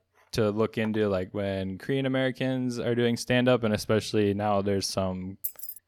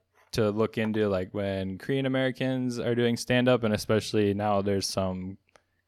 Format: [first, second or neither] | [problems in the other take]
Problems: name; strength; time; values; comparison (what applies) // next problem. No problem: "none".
second | jangling keys; noticeable; at 5.5 s; peak 6 dB below the speech